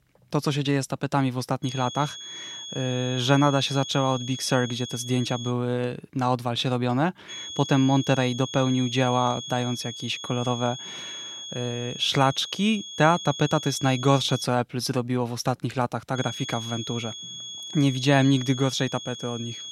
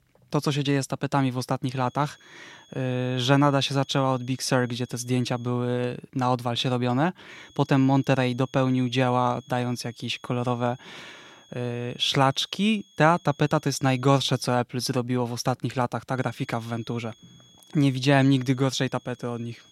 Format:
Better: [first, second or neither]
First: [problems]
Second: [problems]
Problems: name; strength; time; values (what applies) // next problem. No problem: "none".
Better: second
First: high-pitched whine; loud; from 1.5 to 5.5 s, from 7.5 to 14 s and from 16 s on; 3.5 kHz, 10 dB below the speech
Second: high-pitched whine; faint; from 1.5 to 5.5 s, from 7.5 to 14 s and from 16 s on; 3.5 kHz, 30 dB below the speech